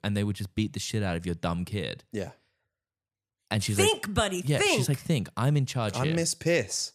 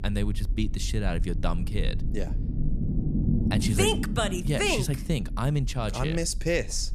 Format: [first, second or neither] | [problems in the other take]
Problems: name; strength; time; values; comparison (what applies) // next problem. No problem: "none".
first | low rumble; noticeable; throughout; 10 dB below the speech